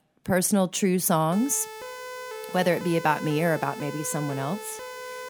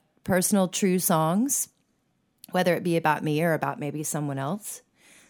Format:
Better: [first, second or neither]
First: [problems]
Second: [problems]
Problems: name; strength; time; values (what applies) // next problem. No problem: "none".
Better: second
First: siren; faint; from 1.5 s on; peak 10 dB below the speech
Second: none